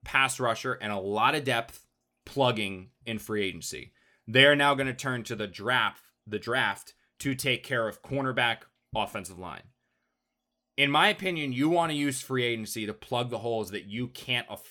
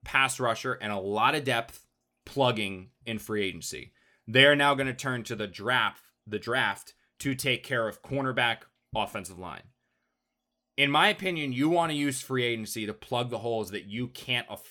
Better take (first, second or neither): neither